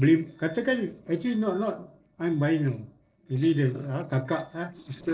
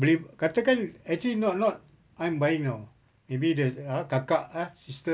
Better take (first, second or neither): second